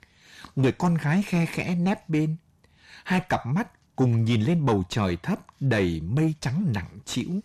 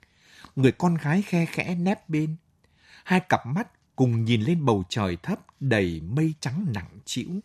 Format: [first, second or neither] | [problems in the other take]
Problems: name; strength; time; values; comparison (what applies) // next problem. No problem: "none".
second | distortion; slight; 10 dB below the speech